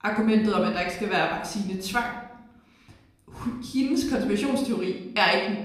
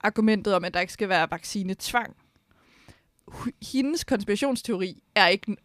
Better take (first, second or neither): second